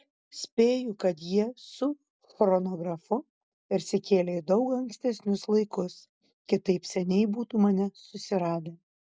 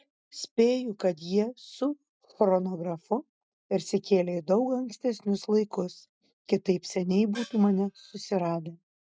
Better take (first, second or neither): first